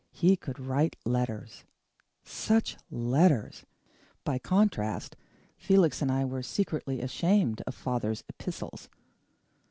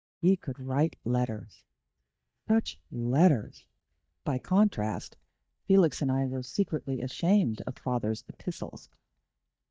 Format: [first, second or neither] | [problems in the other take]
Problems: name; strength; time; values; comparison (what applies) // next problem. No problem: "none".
first | noise reduction (neural mask model DeepFilterNet 3)